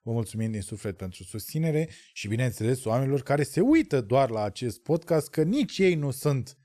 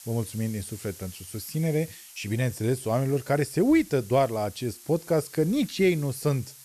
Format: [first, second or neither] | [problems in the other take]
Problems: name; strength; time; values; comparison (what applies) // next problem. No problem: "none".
first | hiss; noticeable; throughout; 20 dB below the speech